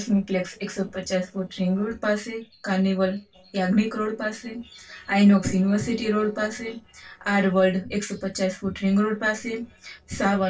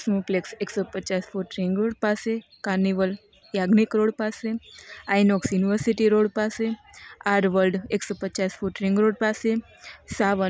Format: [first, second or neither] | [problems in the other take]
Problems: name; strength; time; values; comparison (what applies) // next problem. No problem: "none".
second | noise reduction (neural separator model SepFormer DNS4)